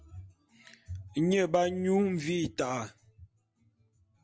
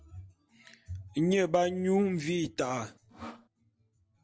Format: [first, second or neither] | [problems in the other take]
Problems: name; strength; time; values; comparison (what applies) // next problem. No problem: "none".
first | noise reduction (neural separator model SepFormer DNS4)